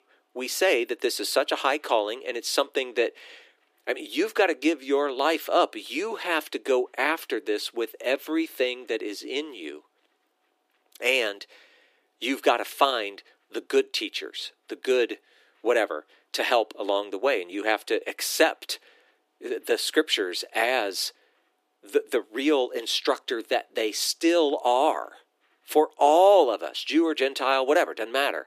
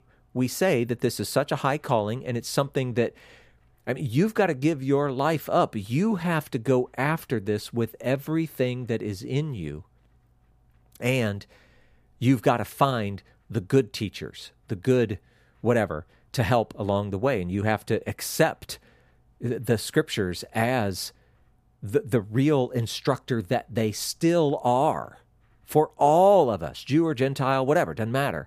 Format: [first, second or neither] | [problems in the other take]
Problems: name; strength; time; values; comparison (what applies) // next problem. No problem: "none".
second | thin; somewhat; fading below 300 Hz